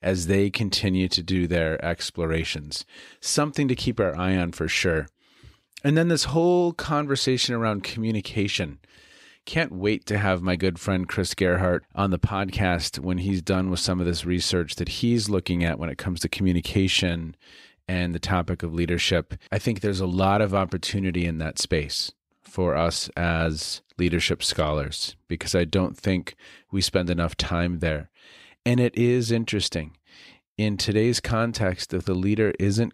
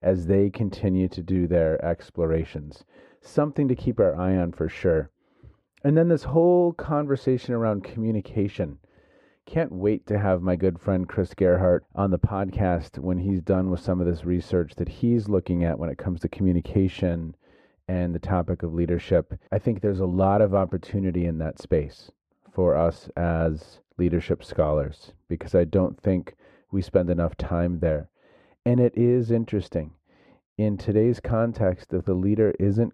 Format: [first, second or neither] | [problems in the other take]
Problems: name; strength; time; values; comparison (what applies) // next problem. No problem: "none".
first | muffled; very; fading above 2 kHz